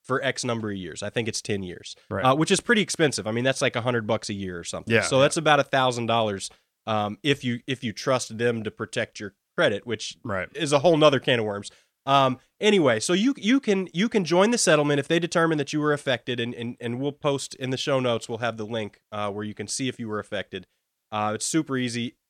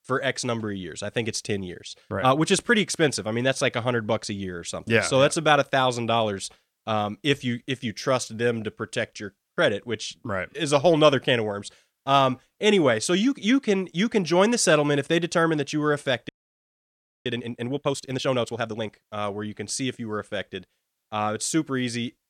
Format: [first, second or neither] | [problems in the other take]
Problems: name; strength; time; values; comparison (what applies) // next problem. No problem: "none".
first | audio freezing; at 16 s for 1 s